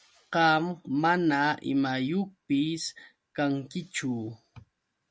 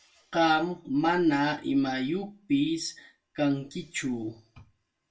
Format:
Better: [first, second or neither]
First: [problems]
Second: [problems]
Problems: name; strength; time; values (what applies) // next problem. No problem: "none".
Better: first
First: none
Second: room echo; dies away in 0.2 s